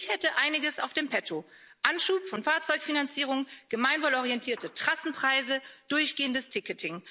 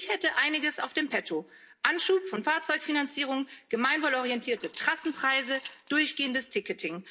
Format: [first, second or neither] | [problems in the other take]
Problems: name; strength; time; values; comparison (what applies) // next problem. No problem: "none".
first | noise reduction (neural separator model SepFormer DNS4)